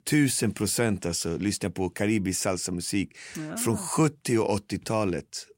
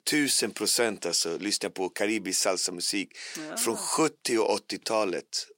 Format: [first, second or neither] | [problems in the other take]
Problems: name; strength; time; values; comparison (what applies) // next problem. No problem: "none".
first | thin; somewhat; fading below 400 Hz